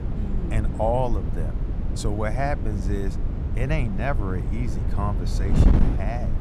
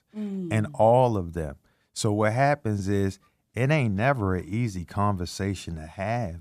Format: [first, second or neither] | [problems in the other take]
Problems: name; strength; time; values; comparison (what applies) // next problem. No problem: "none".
second | wind noise on the microphone; heavy; 7 dB below the speech